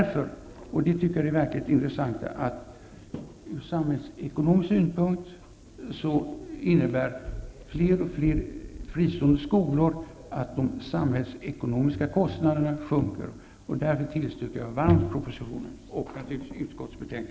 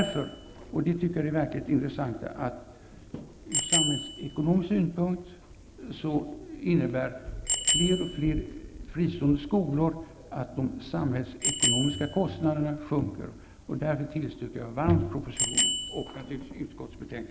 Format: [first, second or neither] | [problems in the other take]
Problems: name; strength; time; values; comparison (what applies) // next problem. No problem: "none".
first | background sound (Bicycle bell); 4 dB below the speech